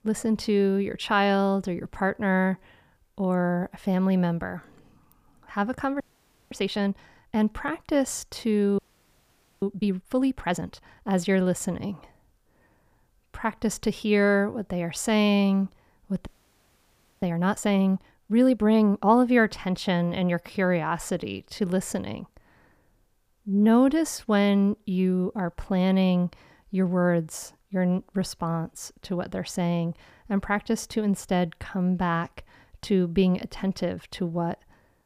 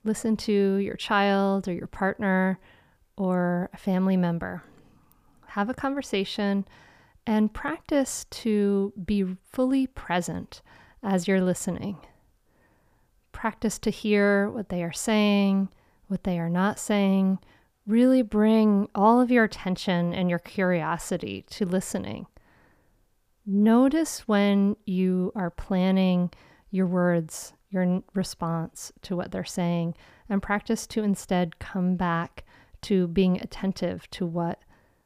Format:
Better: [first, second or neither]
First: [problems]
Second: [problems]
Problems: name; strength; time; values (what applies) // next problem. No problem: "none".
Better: second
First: audio freezing; at 6 s for 0.5 s, at 9 s for 1 s and at 16 s for 1 s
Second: none